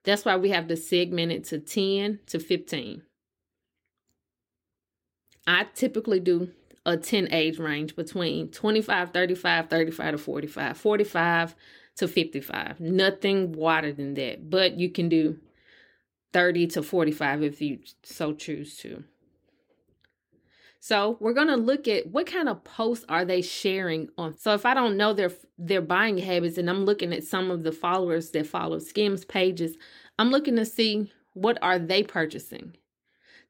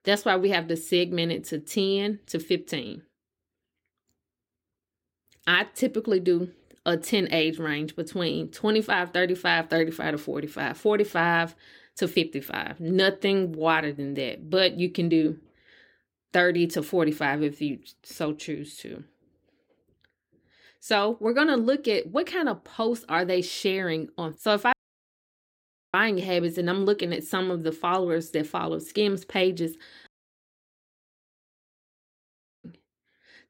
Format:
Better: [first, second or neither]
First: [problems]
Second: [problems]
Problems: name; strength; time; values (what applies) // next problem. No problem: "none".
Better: first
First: none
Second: audio cutting out; at 25 s for 1 s and at 30 s for 2.5 s